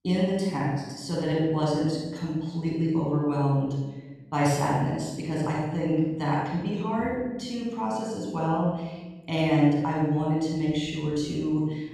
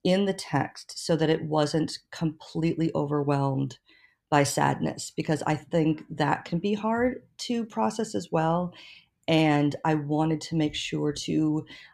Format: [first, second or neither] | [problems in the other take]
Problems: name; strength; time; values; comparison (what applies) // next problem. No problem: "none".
second | off-mic speech; far // room echo; strong; dies away in 1.2 s